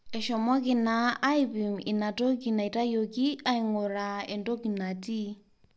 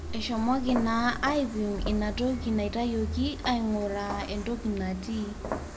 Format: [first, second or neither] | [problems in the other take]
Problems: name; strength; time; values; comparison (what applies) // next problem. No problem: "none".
first | background sound (Walk, footsteps); 7 dB below the speech // room echo; dies away in 1.7 s